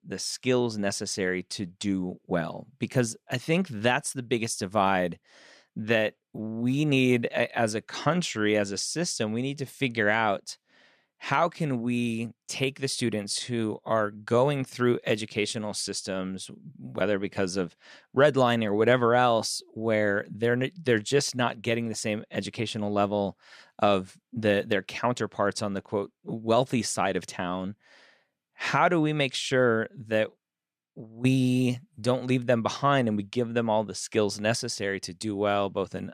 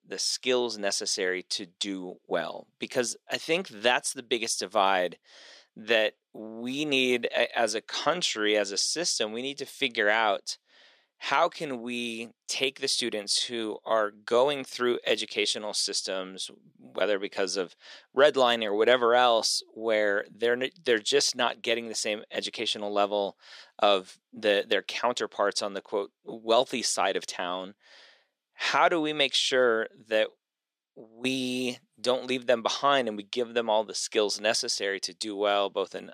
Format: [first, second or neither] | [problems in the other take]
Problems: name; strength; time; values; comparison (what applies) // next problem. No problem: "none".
first | thin; somewhat; fading below 400 Hz